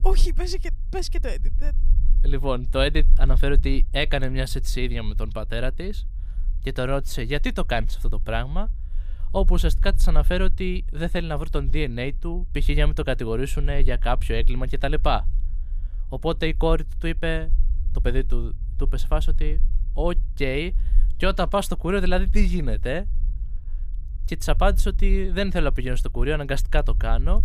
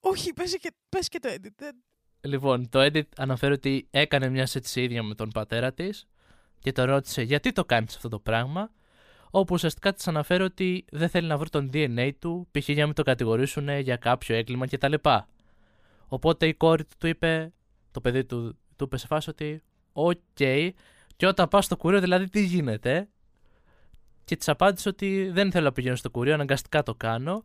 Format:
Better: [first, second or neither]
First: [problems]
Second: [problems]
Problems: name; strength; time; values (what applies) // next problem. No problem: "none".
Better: second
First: low rumble; faint; throughout; 25 dB below the speech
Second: none